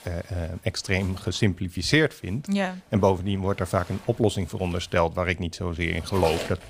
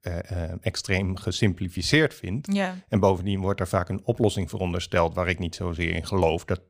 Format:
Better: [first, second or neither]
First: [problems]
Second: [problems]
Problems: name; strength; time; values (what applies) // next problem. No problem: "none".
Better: second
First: household noises; noticeable; throughout; 15 dB below the speech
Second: none